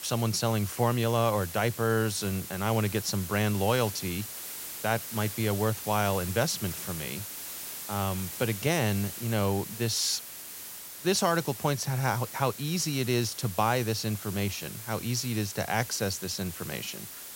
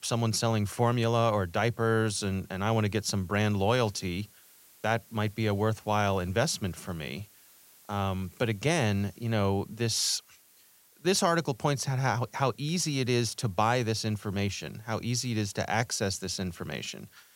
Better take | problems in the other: second | hiss; loud; throughout; 9 dB below the speech; faint in the second

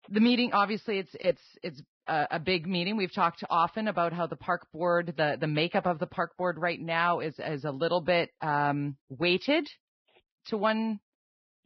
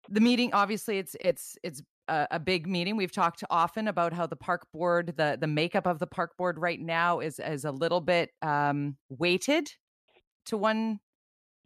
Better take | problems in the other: second | garbled, watery; badly

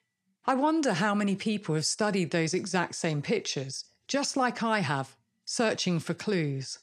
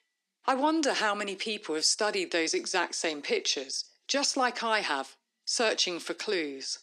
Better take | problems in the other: first | thin; somewhat; fading below 250 Hz

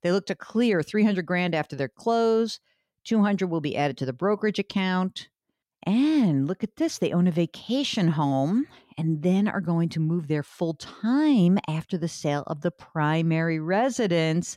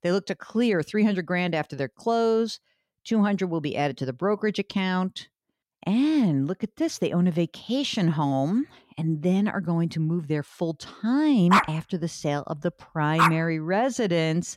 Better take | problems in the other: first | dog barking; loud; from 12 to 13 s; peak 3 dB above the speech

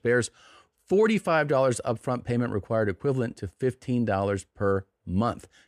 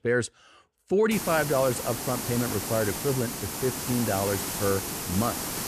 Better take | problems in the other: first | hiss; loud; from 1 s on; 3 dB below the speech

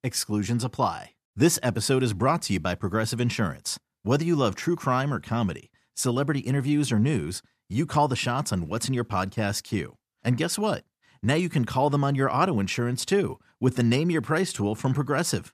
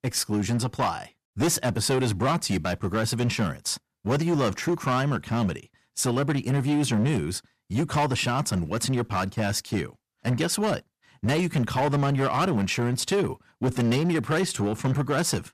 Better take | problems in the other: first | distortion; slight; 12% of the sound clipped

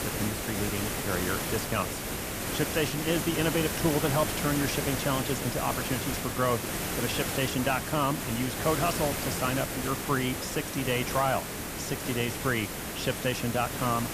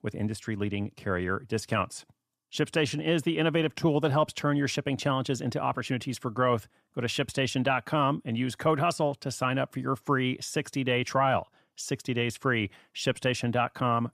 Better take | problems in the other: second | hiss; loud; throughout; 1 dB below the speech

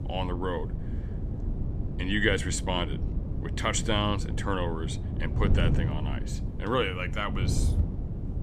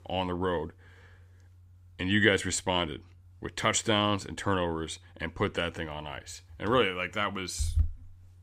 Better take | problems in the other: second | wind noise on the microphone; occasional gusts; 10 dB below the speech

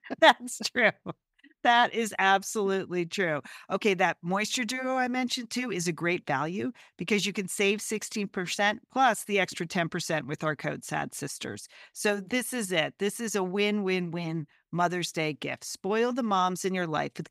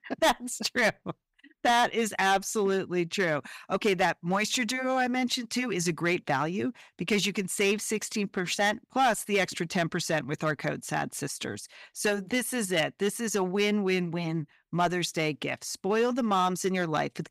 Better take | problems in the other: first | distortion; slight; 4% of the sound clipped

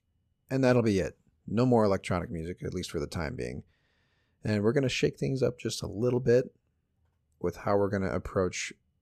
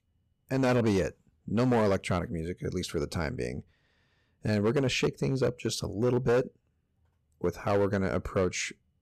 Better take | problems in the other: first | distortion; slight; 6% of the sound clipped

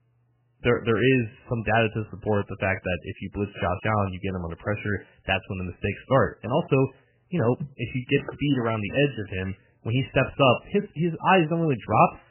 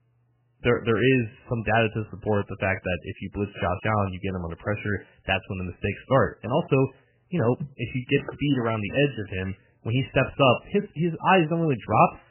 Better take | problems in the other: neither | garbled, watery; badly; nothing above 3 kHz; the same in both

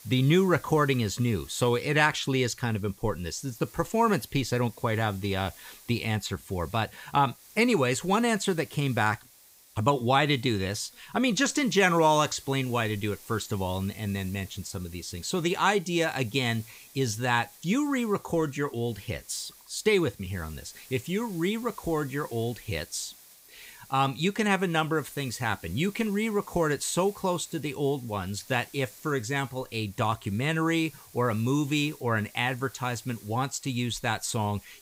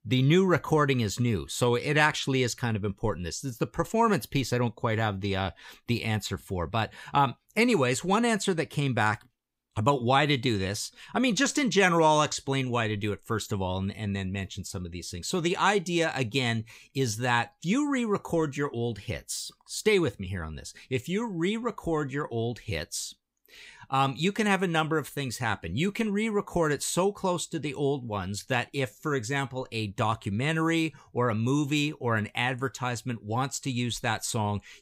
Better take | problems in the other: second | hiss; faint; throughout; 20 dB below the speech

